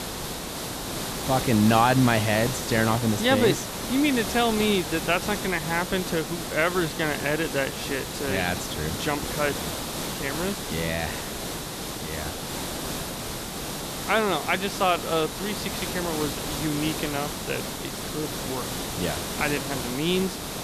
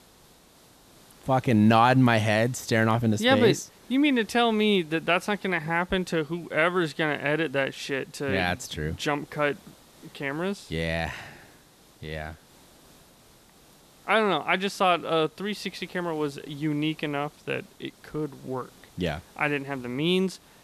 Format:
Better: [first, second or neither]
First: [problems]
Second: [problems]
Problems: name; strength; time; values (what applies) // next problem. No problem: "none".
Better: second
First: hiss; loud; throughout; 5 dB below the speech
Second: hiss; faint; throughout; 30 dB below the speech